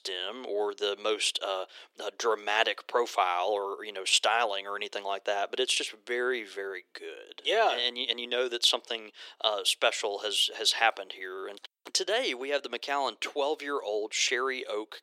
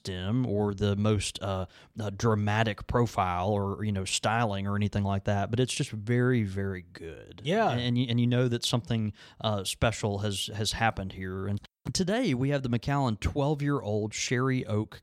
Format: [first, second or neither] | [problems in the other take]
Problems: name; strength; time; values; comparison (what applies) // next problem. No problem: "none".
second | thin; very; fading below 350 Hz